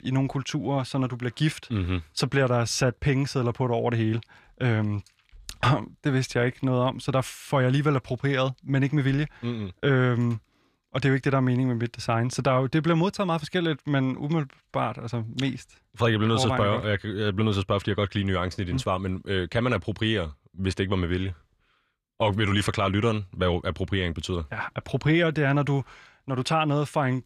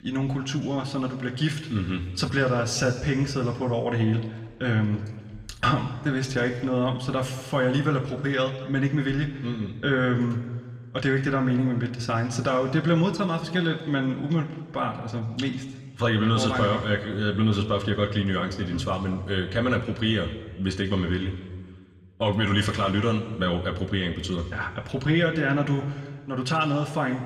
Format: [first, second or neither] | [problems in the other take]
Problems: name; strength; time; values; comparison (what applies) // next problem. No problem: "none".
first | room echo; slight; dies away in 1.5 s